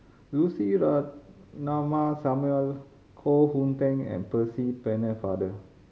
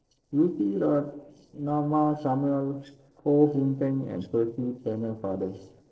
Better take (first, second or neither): first